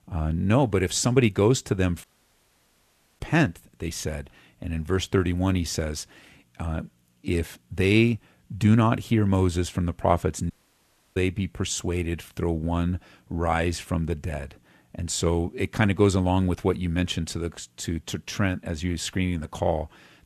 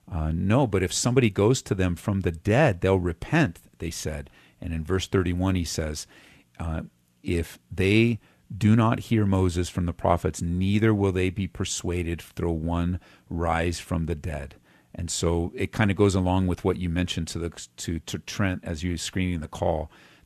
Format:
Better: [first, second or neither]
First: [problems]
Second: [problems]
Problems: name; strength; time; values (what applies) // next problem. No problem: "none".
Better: second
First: audio cutting out; at 2 s for 1 s and at 11 s for 0.5 s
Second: none